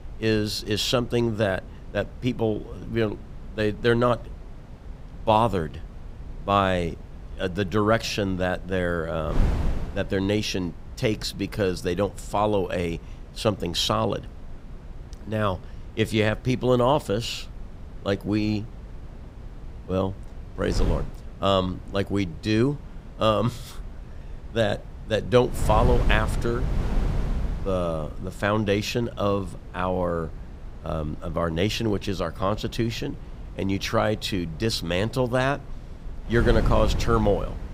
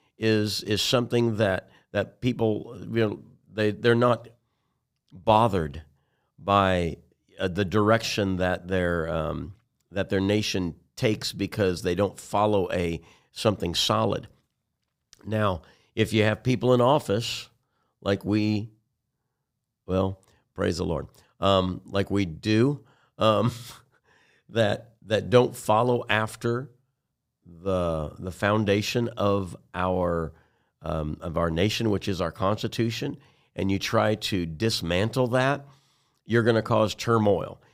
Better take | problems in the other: second | wind noise on the microphone; occasional gusts; 20 dB below the speech

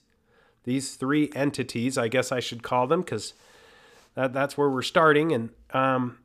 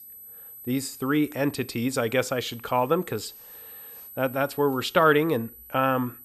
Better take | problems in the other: first | high-pitched whine; noticeable; throughout; 12 kHz, 15 dB below the speech

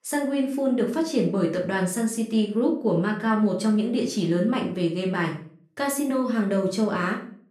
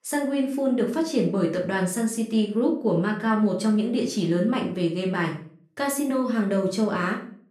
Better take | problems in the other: neither | room echo; slight; dies away in 0.4 s; the same in both // off-mic speech; far; the same in both

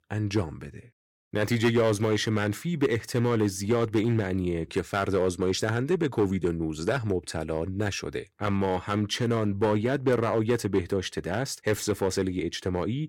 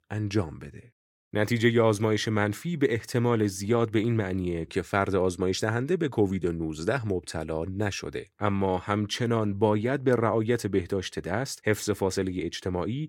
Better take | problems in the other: second | distortion; slight; 3% of the sound clipped

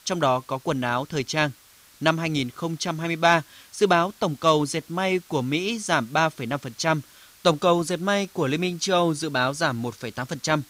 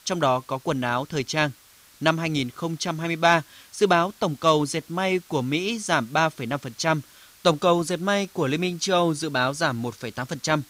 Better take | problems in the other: neither | hiss; faint; throughout; 25 dB below the speech; the same in both

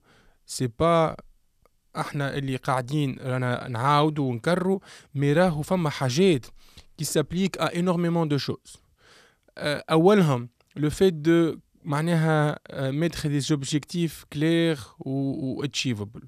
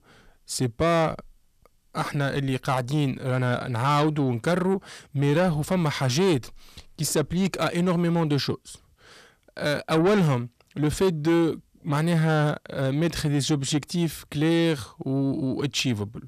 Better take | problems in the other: first | distortion; slight; 10 dB below the speech

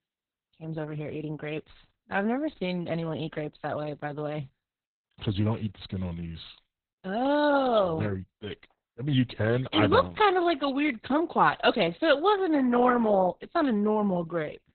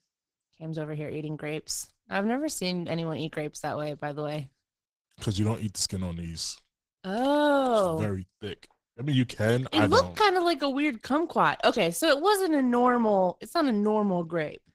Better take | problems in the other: second | garbled, watery; badly; nothing above 4 kHz; slightly in the second

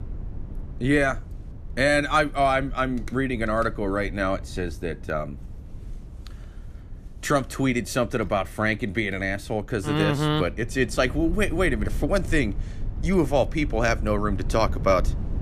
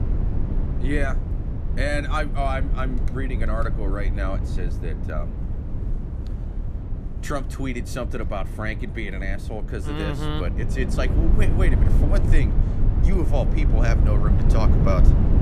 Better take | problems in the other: first | low rumble; loud; throughout; 7 dB below the speech; faint in the first

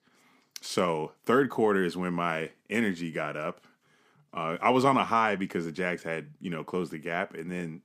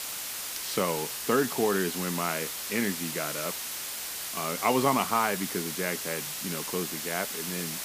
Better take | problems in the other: first | hiss; loud; throughout; 2 dB below the speech

